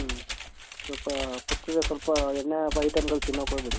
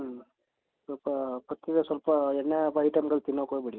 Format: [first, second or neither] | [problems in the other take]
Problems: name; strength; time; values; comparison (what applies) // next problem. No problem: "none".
second | background sound (Computer keyboard); 4 dB below the speech